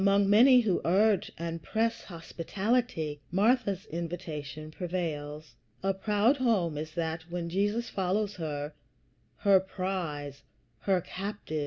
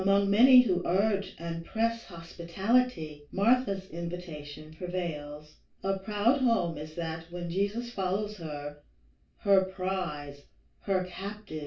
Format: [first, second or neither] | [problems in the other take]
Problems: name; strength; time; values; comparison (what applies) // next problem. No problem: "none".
first | room echo; dies away in 0.2 s